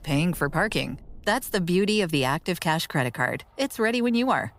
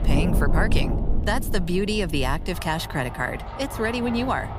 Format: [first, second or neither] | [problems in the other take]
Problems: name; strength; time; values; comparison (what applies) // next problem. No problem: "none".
first | rain or running water; loud; throughout; 3 dB below the speech; faint in the first